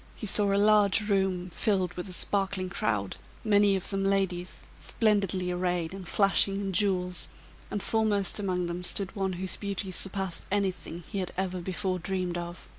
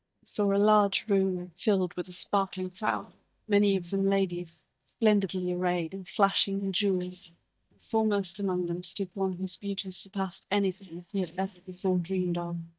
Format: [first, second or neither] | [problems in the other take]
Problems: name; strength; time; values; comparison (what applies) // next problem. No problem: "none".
first | noise reduction (neural mask model DeepFilterNet 3)